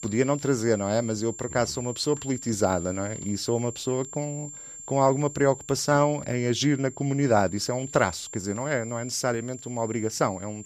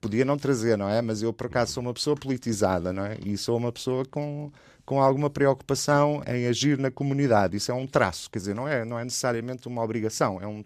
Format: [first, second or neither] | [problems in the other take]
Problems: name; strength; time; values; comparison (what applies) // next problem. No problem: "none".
second | high-pitched whine; noticeable; throughout; 7.5 kHz, 15 dB below the speech